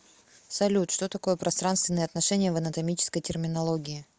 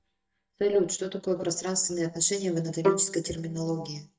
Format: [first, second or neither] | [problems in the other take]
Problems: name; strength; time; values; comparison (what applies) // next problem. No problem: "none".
first | noise reduction (neural mask model DeepFilterNet 3)